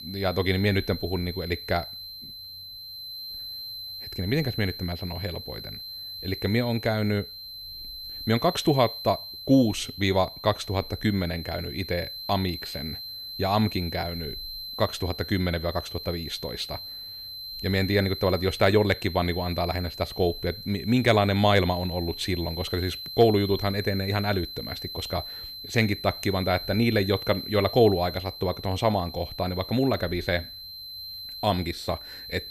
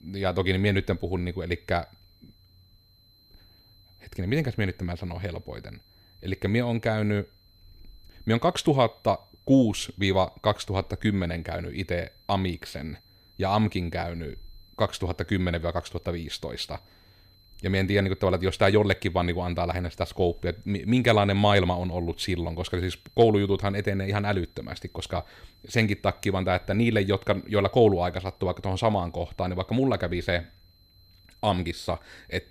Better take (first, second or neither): second